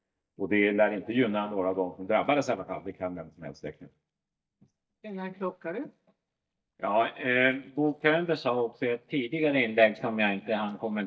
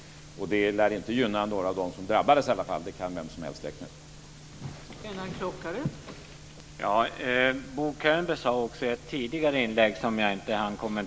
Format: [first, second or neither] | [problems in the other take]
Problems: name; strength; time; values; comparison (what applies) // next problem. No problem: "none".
second | noise reduction (neural mask model DeepFilterNet 3)